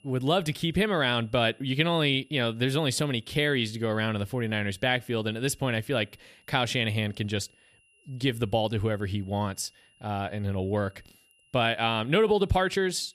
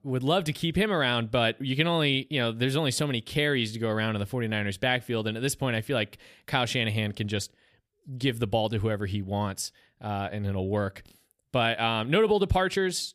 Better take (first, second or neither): second